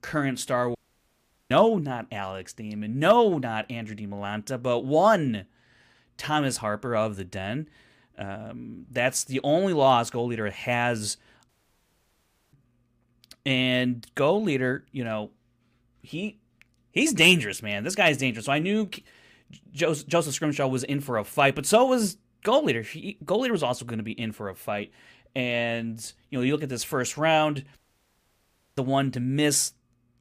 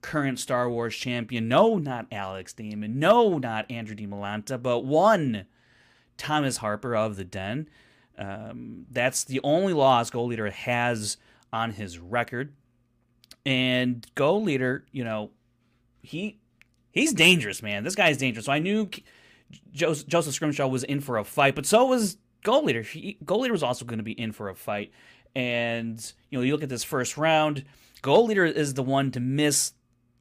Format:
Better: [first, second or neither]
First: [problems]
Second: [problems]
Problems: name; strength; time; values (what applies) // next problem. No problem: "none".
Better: second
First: audio cutting out; at 1 s for 1 s, at 11 s for 1 s and at 28 s for 1 s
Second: none